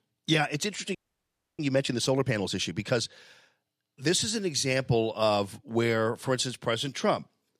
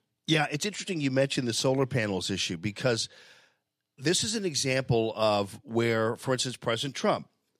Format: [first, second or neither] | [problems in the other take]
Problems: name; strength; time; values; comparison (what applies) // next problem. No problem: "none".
second | audio freezing; at 1 s for 0.5 s